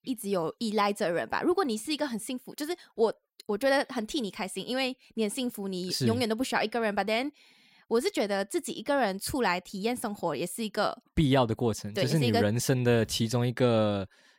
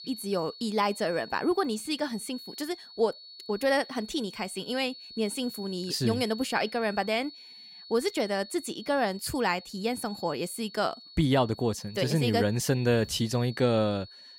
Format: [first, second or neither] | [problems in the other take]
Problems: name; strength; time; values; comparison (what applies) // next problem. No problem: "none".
first | high-pitched whine; noticeable; throughout; 4.5 kHz, 15 dB below the speech